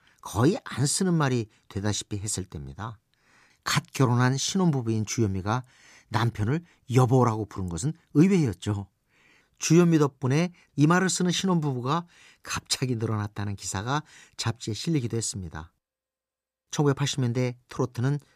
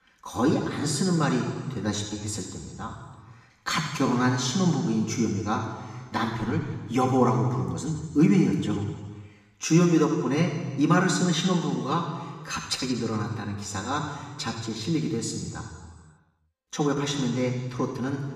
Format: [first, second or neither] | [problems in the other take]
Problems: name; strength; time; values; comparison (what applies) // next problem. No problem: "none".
first | room echo; noticeable; dies away in 1.5 s // off-mic speech; far